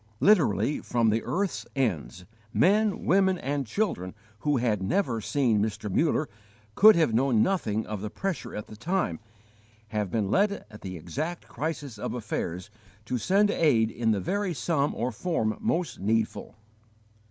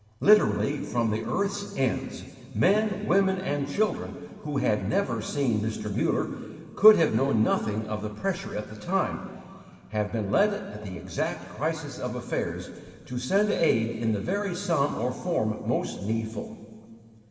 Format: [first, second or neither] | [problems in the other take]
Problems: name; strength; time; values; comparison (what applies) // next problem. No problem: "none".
first | room echo; dies away in 2.5 s